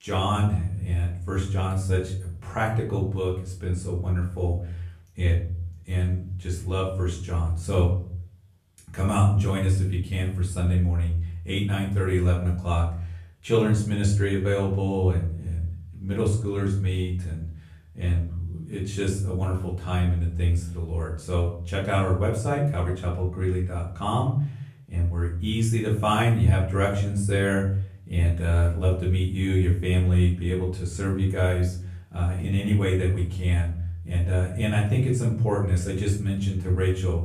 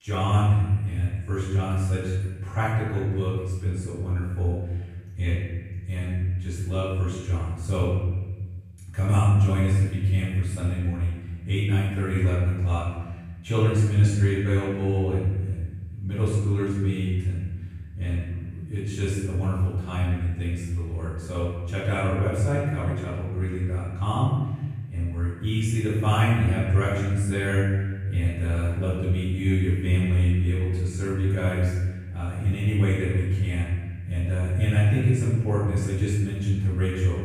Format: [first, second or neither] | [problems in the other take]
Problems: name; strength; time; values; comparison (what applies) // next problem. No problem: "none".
first | room echo; strong; dies away in 1.4 s; slight in the first // off-mic speech; far; far in the first